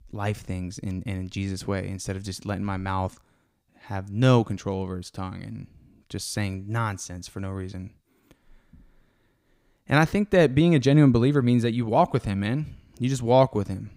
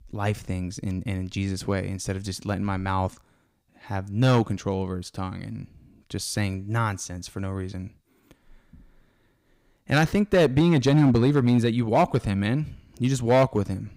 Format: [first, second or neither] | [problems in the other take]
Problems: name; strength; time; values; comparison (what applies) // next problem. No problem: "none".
first | distortion; slight; 2% of the sound clipped